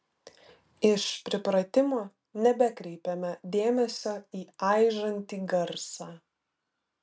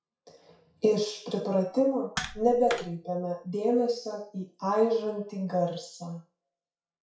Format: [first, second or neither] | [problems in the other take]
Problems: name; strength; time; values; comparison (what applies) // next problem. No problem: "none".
first | noise reduction (classical method WPE with log-MMSE)